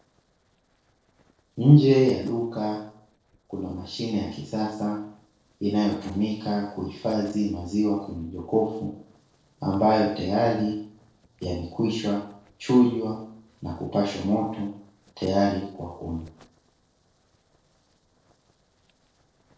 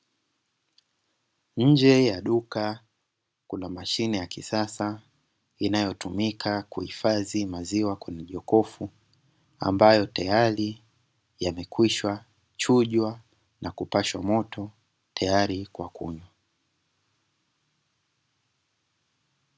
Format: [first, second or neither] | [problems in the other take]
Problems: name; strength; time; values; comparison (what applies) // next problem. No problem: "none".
second | noise reduction (neural separator model SepFormer DNS4)